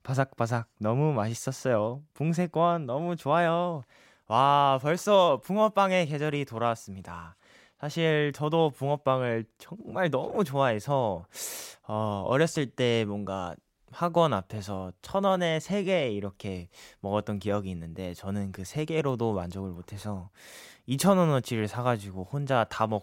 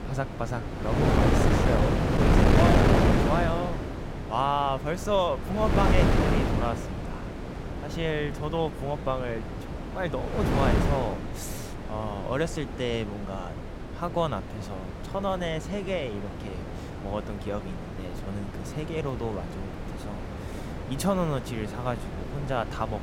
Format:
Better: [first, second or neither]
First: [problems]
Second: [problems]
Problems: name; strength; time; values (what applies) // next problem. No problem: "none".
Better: first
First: none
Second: wind noise on the microphone; heavy; 2 dB below the speech